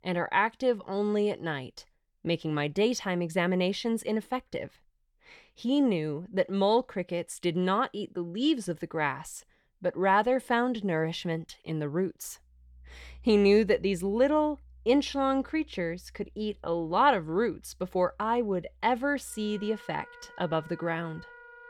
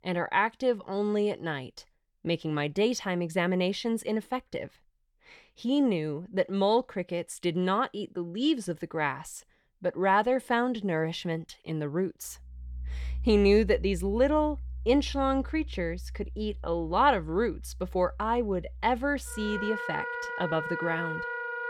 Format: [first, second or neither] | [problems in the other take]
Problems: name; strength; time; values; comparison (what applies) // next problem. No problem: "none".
first | background music; loud; from 13 s on; 9 dB below the speech; faint in the first